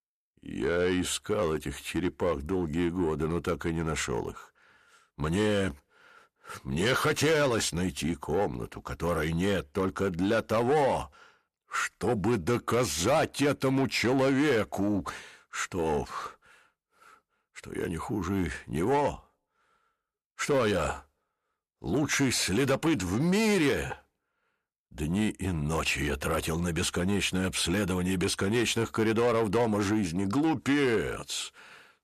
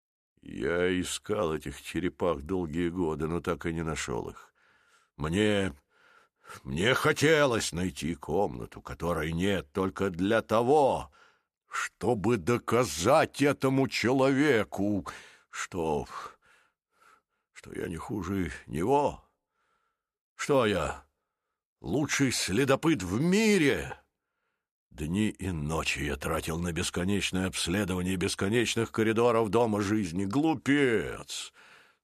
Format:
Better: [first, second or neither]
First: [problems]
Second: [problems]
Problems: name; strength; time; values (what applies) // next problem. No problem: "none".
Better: second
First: distortion; slight; 10 dB below the speech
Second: none